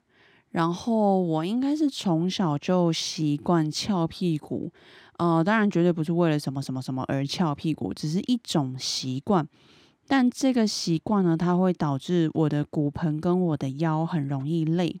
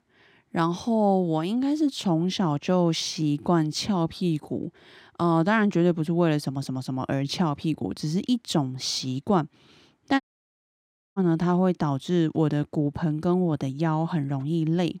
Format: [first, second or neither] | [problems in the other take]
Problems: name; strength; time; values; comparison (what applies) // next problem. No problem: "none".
first | audio cutting out; at 10 s for 1 s